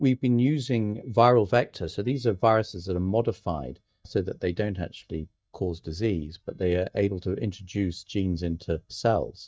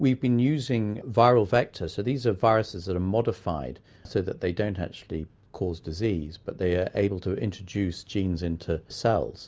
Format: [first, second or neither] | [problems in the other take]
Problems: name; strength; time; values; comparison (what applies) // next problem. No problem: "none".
second | noise reduction (neural mask model DeepFilterNet 3)